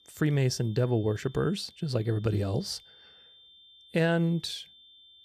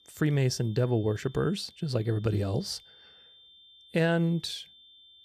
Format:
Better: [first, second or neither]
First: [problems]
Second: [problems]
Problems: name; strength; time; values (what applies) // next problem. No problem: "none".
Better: neither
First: high-pitched whine; faint; throughout; 3.5 kHz, 25 dB below the speech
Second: high-pitched whine; faint; throughout; 3.5 kHz, 25 dB below the speech